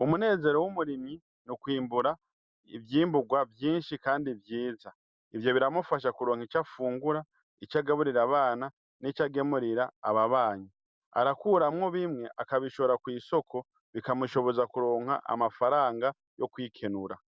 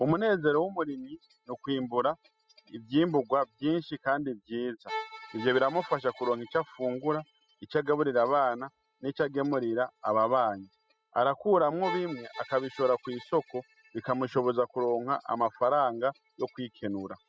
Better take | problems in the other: first | noise reduction (classical method spectral subtraction)

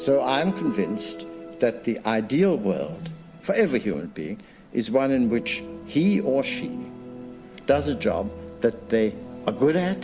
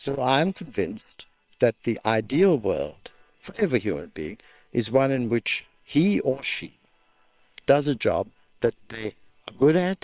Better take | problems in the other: first | noise reduction (neural separator model SepFormer WHAM!)

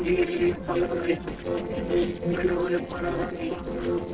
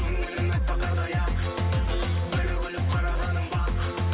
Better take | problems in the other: second | noise reduction (neural separator model SepFormer DNS4)

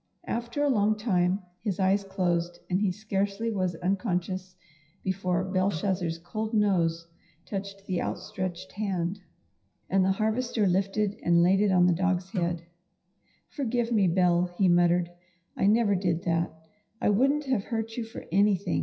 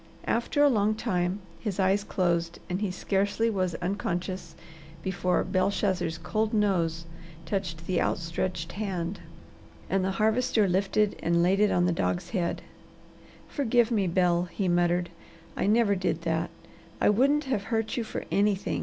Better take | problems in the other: second | noise reduction (classical method WPE with log-MMSE)

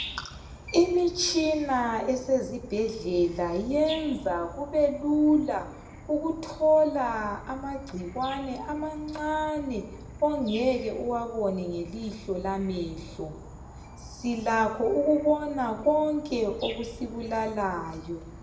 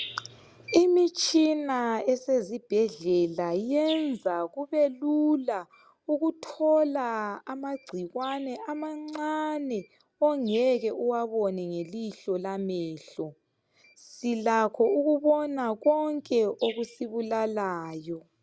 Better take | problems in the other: second | background sound (Insect / Frog); 17 dB below the speech // room echo; dies away in 0.9 s

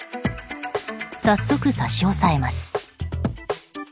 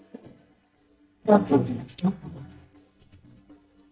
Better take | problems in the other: first | noise reduction (neural mask model DeepFilterNet 3)

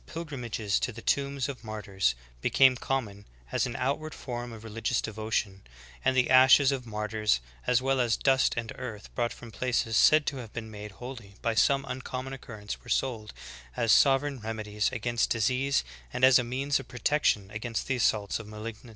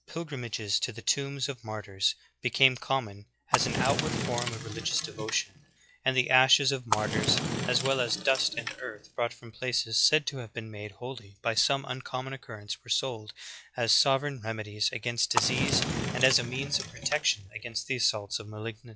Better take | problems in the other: first | noise reduction (classical method log-MMSE)

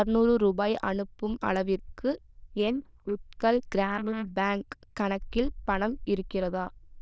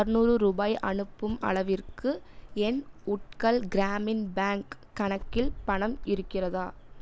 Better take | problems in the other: second | noise reduction (neural diffusion model UNIVERSE++)

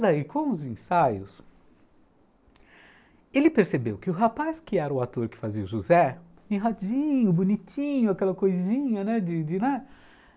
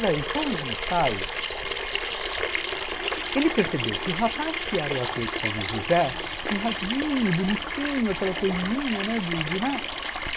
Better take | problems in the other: first | background sound (Sink (filling or washing) / Water tap, faucet); 2 dB below the speech

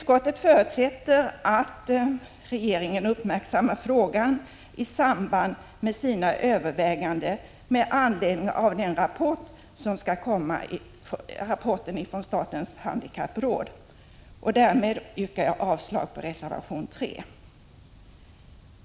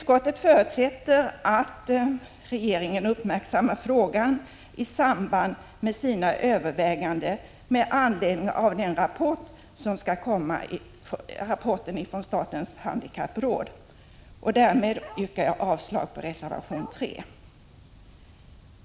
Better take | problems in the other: first | background sound (Bark); 19 dB below the speech

